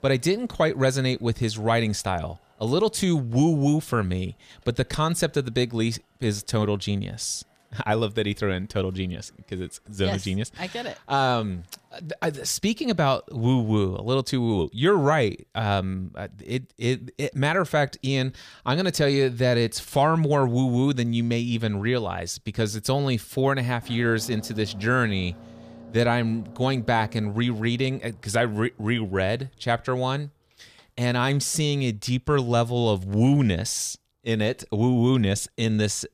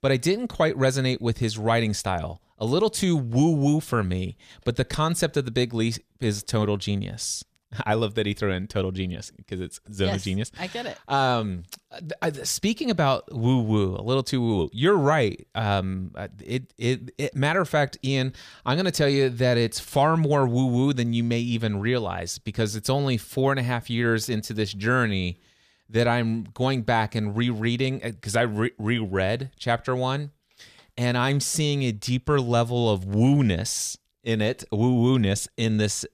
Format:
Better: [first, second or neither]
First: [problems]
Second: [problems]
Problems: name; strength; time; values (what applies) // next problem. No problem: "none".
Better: second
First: traffic noise; faint; throughout; 25 dB below the speech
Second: none